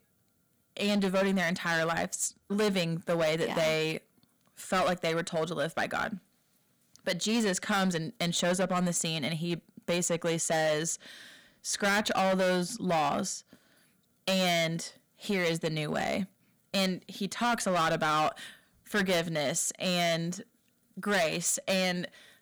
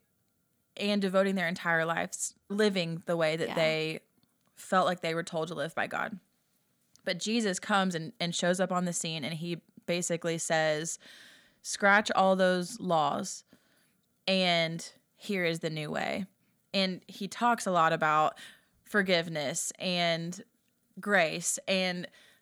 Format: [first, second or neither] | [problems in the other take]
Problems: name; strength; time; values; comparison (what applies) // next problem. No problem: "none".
second | distortion; heavy; 11% of the sound clipped